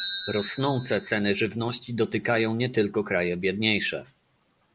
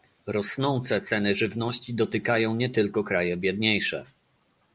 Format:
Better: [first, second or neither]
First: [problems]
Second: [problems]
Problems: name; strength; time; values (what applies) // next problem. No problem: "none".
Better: second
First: background sound (Bicycle); 14 dB below the speech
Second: none